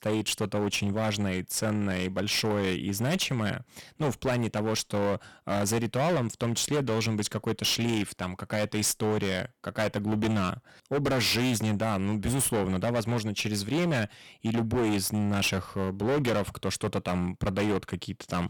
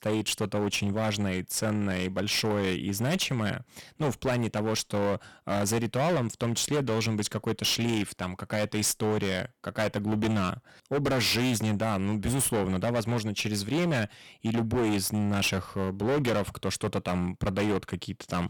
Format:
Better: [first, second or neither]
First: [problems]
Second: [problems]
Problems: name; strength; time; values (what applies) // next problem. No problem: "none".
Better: neither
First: distortion; heavy; 19% of the sound clipped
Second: distortion; heavy; 19% of the sound clipped